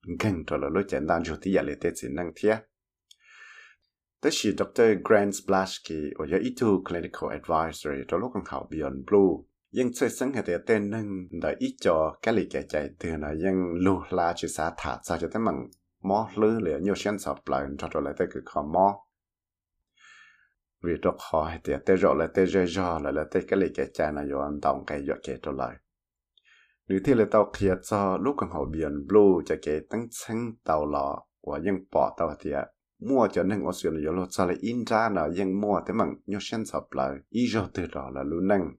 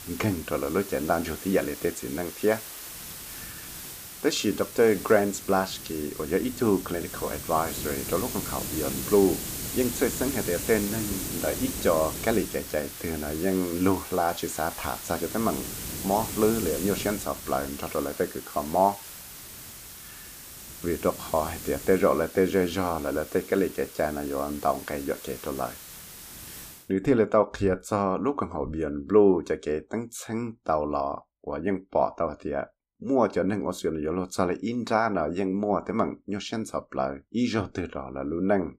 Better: first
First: none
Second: hiss; loud; until 27 s; 8 dB below the speech

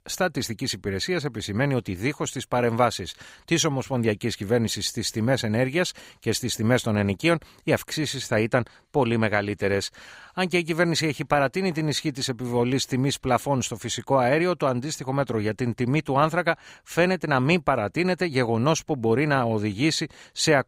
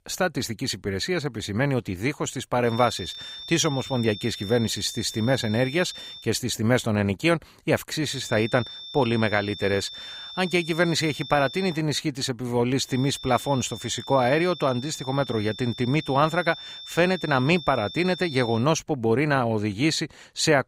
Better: first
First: none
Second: high-pitched whine; noticeable; from 2.5 to 6 s, from 8 to 12 s and from 13 to 19 s; 3.5 kHz, 10 dB below the speech

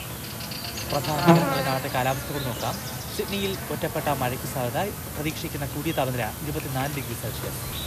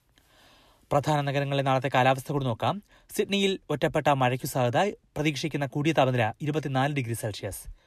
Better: second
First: animal sounds; very loud; throughout; 1 dB above the speech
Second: none

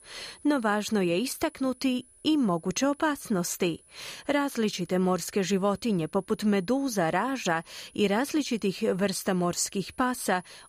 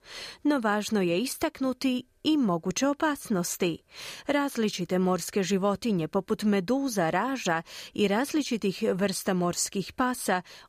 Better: second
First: high-pitched whine; faint; throughout; 10 kHz, 25 dB below the speech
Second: none

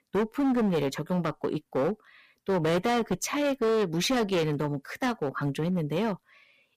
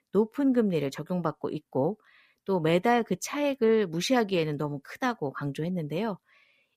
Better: second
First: distortion; heavy; 14% of the sound clipped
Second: none

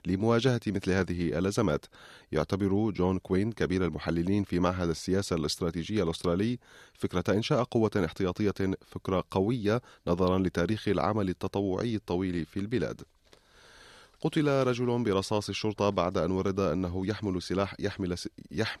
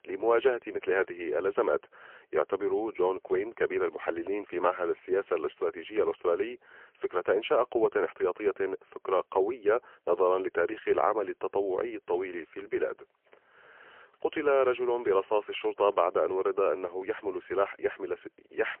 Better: first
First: none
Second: phone-call audio; poor line; nothing above 3 kHz

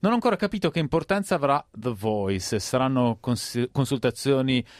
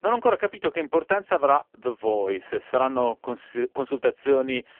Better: first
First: none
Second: phone-call audio; poor line; nothing above 3.5 kHz

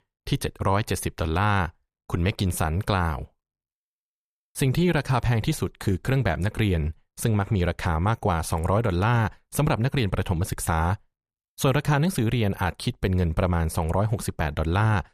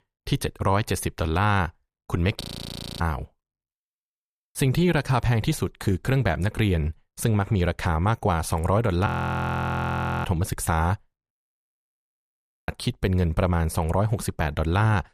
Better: first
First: none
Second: audio freezing; at 2.5 s for 0.5 s, at 9 s for 1 s and at 11 s for 1.5 s

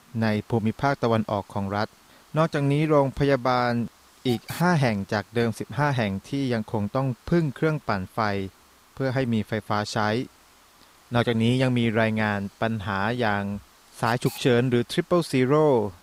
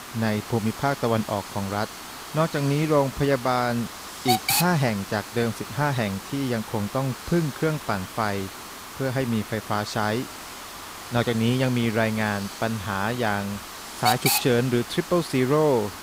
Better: first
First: hiss; faint; throughout; 25 dB below the speech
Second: hiss; loud; throughout; 7 dB below the speech

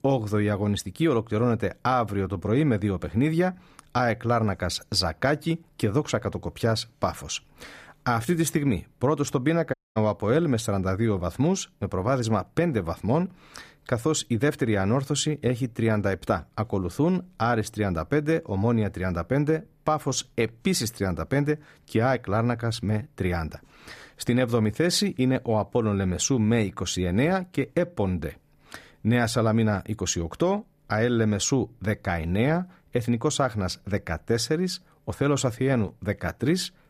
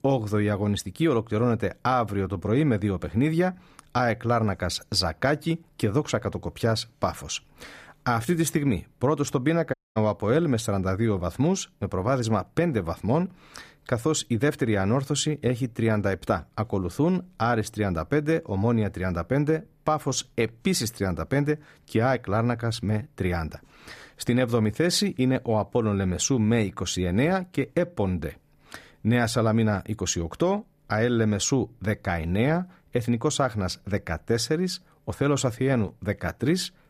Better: neither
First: audio cutting out; at 9.5 s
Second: audio cutting out; at 9.5 s

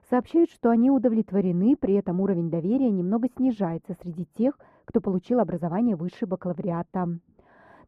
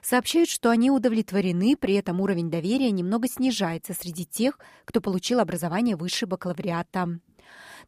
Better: second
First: muffled; very; fading above 2 kHz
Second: none

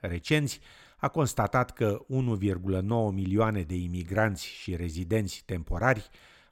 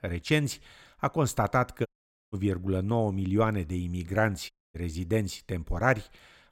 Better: first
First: none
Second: audio cutting out; at 2 s and at 4.5 s

